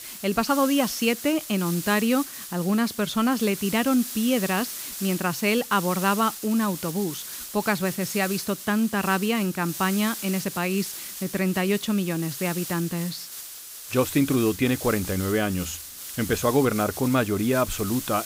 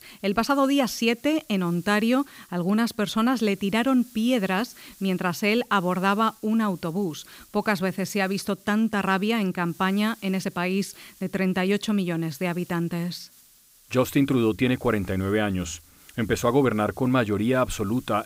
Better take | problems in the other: second | hiss; loud; throughout; 9 dB below the speech; faint in the second

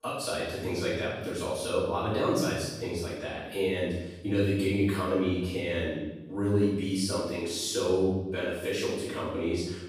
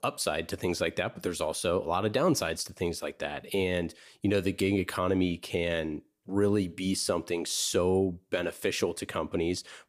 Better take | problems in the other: second | off-mic speech; far // room echo; strong; dies away in 1 s

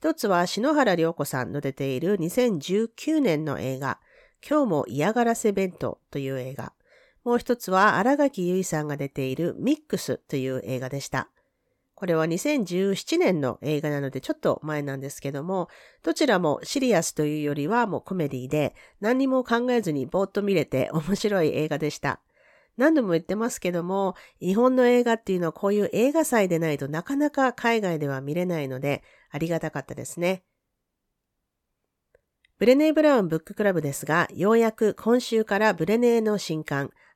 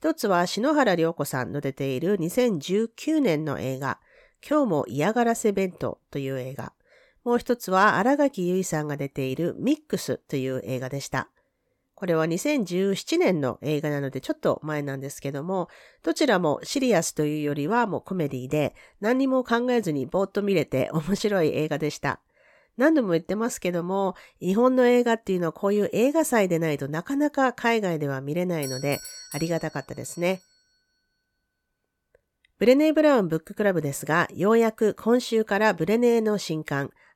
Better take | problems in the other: first | doorbell; faint; from 29 to 30 s; peak 10 dB below the speech

